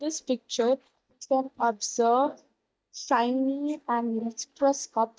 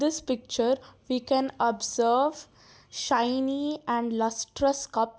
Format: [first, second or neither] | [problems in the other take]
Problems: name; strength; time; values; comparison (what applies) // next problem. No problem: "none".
second | noise reduction (neural mask model DeepFilterNet 3)